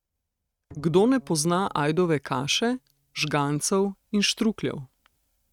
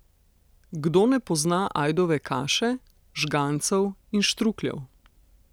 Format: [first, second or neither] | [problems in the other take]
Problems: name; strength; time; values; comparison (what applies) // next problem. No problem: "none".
second | noise reduction (neural mask model RNNoise)